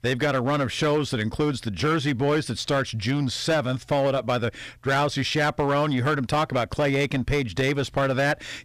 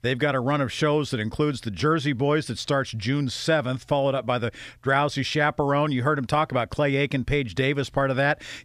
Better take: second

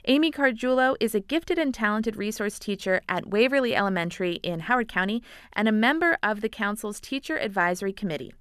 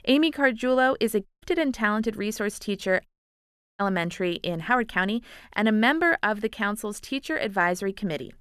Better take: first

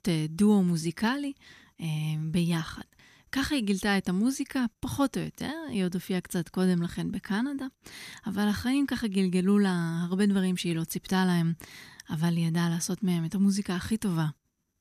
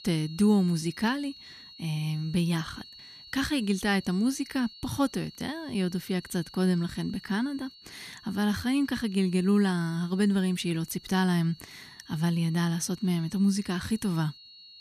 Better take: first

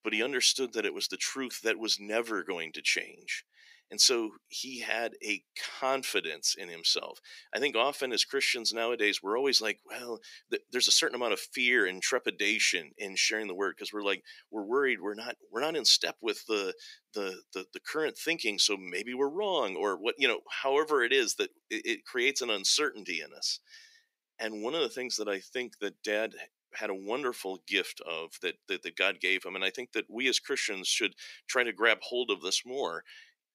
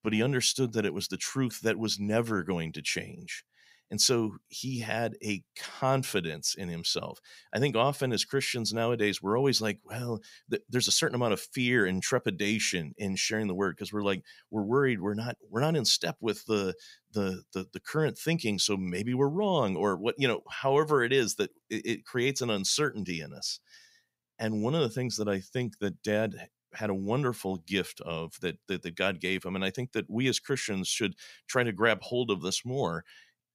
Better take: second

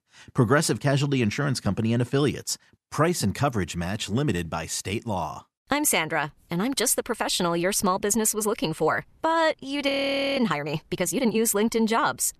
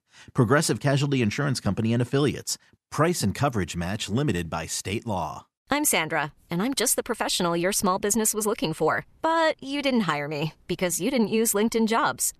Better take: second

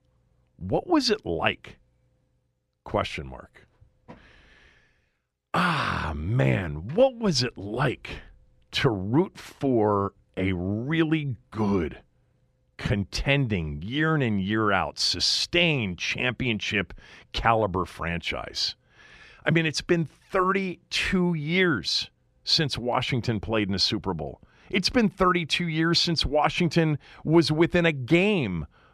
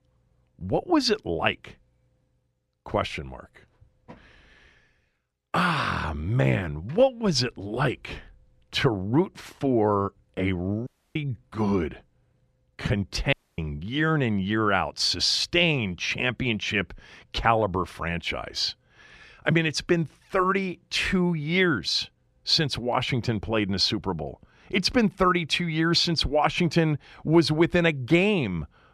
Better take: first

